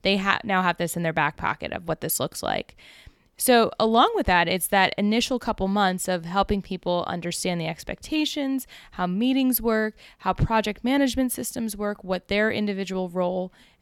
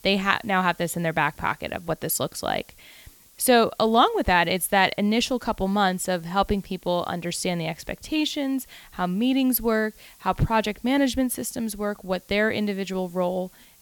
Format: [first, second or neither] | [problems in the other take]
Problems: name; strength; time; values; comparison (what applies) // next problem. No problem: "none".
first | hiss; faint; throughout; 25 dB below the speech